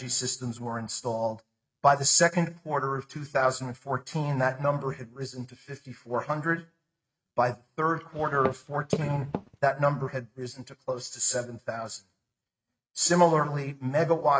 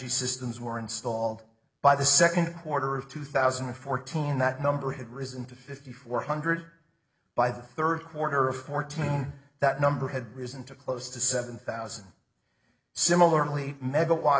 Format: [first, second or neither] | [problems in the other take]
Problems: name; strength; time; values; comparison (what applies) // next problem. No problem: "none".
second | noise reduction (neural mask model RNNoise)